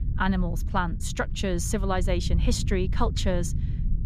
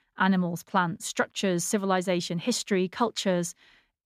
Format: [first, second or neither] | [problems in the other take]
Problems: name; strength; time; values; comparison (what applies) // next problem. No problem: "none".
second | low rumble; noticeable; throughout; 15 dB below the speech